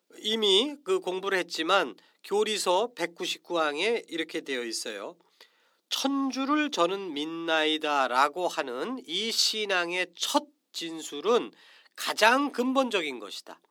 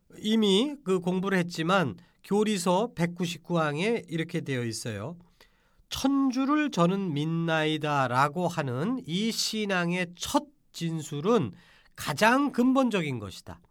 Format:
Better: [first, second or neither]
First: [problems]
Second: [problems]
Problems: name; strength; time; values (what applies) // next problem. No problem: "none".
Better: second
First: thin; somewhat; fading below 300 Hz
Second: none